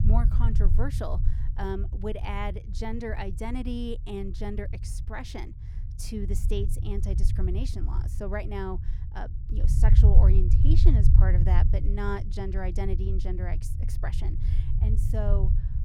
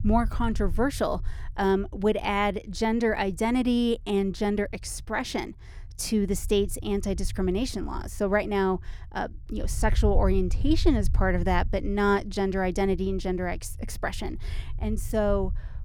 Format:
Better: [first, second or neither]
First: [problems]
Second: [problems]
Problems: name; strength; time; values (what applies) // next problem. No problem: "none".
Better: second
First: low rumble; loud; throughout; 6 dB below the speech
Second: low rumble; faint; throughout; 25 dB below the speech